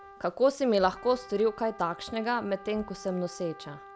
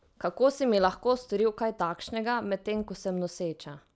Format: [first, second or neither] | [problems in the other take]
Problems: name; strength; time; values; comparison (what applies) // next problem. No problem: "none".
second | background sound (Trumpet); 19 dB below the speech